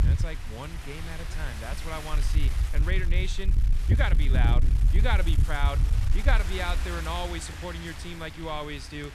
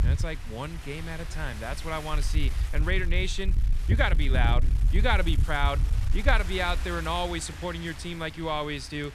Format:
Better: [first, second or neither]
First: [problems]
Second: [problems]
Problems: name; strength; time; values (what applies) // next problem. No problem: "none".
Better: second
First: wind noise on the microphone; heavy; 7 dB below the speech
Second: wind noise on the microphone; occasional gusts; 10 dB below the speech